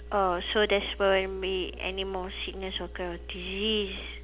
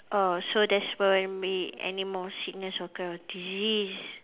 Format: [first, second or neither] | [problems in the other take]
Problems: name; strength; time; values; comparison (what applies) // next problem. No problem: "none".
second | background sound (Engine); 13 dB below the speech